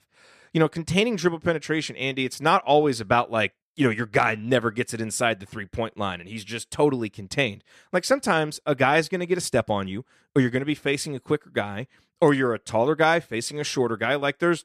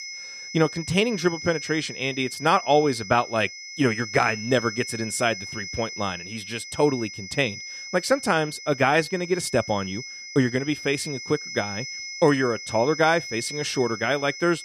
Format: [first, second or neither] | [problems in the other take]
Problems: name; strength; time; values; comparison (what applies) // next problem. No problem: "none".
first | high-pitched whine; loud; throughout; 2 kHz, 10 dB below the speech